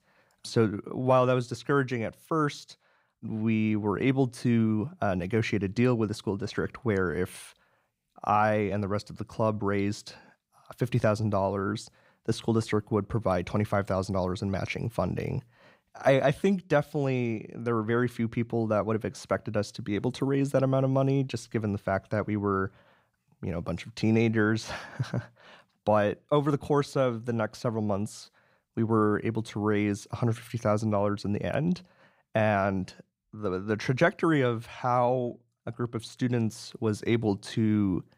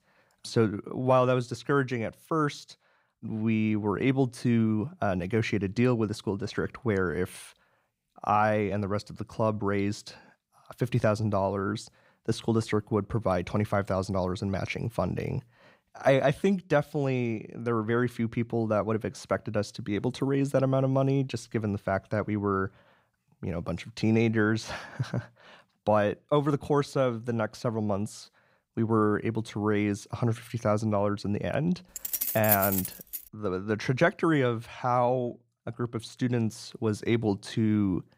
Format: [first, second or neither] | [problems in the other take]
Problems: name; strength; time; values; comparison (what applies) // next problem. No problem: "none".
first | jangling keys; loud; from 32 to 33 s; peak 3 dB above the speech